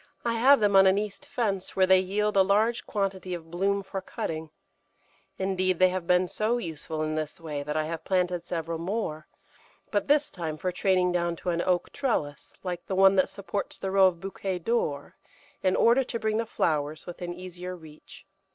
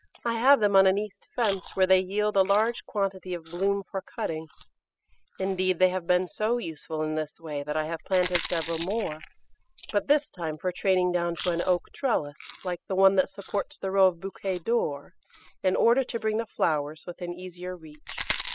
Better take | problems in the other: first | noise reduction (classical method spectral subtraction)

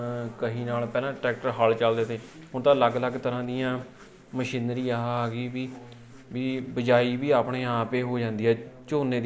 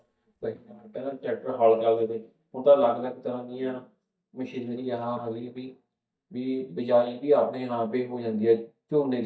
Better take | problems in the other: first | noise reduction (neural mask model DeepFilterNet 3)

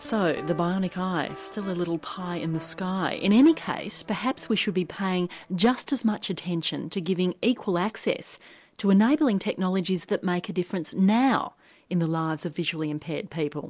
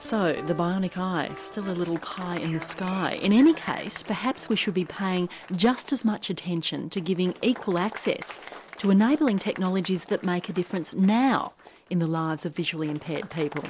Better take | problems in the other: first | background sound (Bird + Applause); 19 dB below the speech

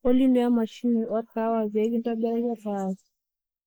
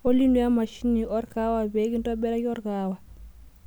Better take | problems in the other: second | noise reduction (neural mask model Resemble Enhance denoiser)

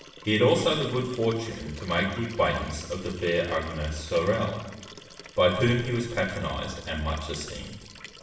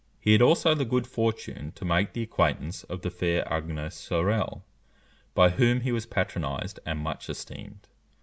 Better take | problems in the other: second | background sound (Liquid); 18 dB below the speech // room echo; dies away in 1 s

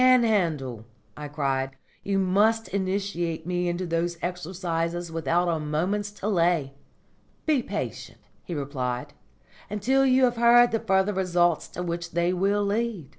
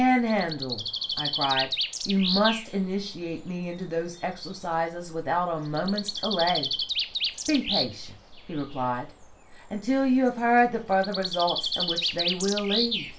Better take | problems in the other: first | background sound (Bird); 6 dB below the speech // room echo; dies away in 0.2 s

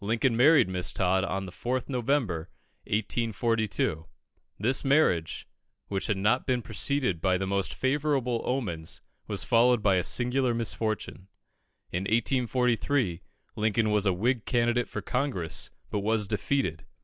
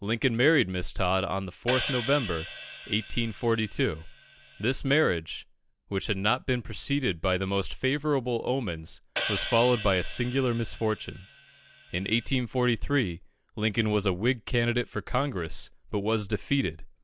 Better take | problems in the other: first | background sound (Hi-hat); 10 dB below the speech

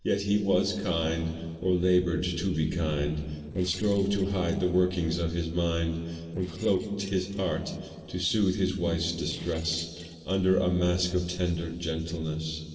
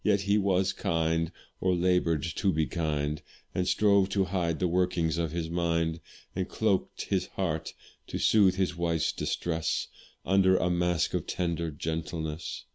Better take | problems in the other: second | noise reduction (neural separator model SepFormer DNS4)

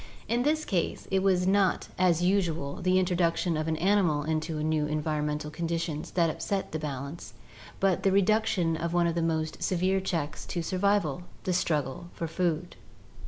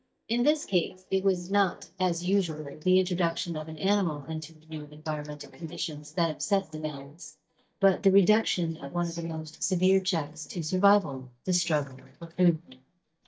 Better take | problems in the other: first | noise reduction (neural mask model DeepFilterNet 3)

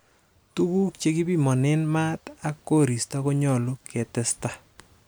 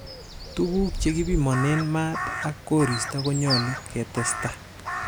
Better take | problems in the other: first | background sound (Crow); 5 dB below the speech

